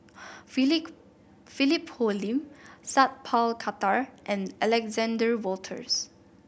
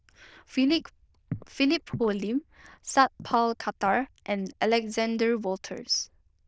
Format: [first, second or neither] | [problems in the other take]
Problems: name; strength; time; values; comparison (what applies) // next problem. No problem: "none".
first | noise reduction (neural diffusion model UNIVERSE++)